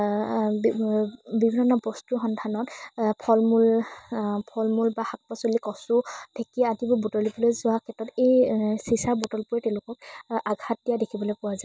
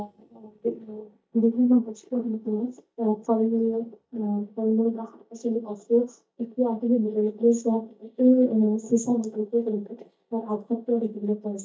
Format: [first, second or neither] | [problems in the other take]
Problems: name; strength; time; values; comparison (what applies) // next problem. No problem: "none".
first | noise reduction (neural mask model DeepFilterNet 3)